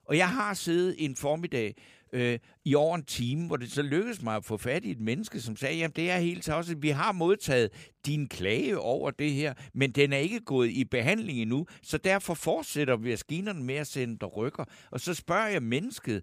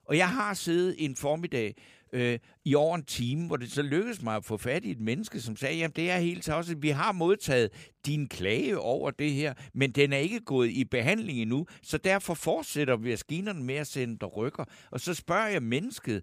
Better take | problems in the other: neither | none

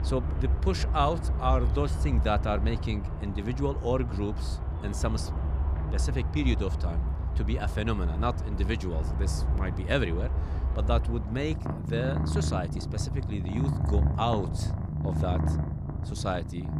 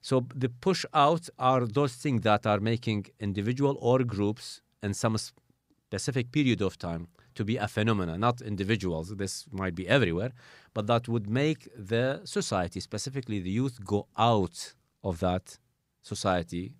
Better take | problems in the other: second | animal sounds; very loud; throughout; 2 dB above the speech

